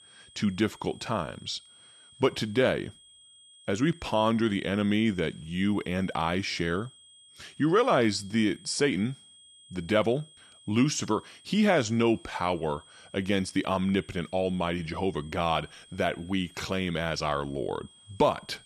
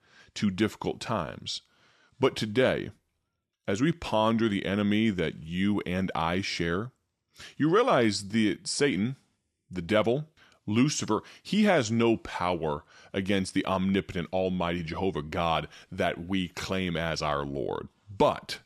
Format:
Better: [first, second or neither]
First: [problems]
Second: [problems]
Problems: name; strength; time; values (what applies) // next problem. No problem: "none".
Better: second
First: high-pitched whine; faint; throughout; 3.5 kHz, 25 dB below the speech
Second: none